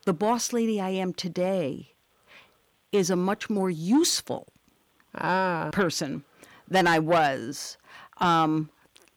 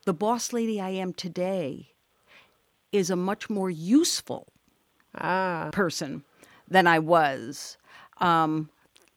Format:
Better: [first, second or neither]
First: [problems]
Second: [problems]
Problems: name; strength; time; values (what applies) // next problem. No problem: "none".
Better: second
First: distortion; slight; 10 dB below the speech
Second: none